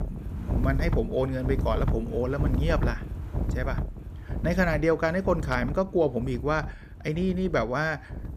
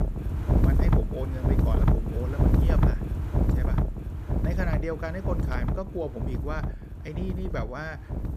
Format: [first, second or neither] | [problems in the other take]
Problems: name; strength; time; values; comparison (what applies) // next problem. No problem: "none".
first | wind noise on the microphone; heavy; as loud as the speech; occasional gusts in the first